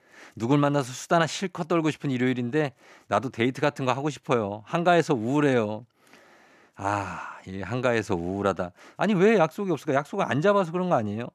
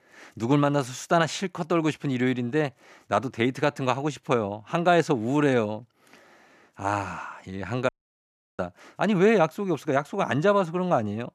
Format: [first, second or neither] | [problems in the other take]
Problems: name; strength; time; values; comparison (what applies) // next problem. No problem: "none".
first | audio cutting out; at 8 s for 0.5 s